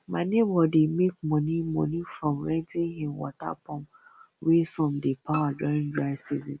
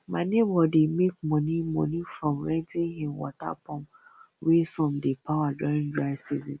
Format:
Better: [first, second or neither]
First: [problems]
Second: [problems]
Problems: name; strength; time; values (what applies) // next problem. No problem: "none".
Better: second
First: background sound (Bowed string instrument); 14 dB below the speech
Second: none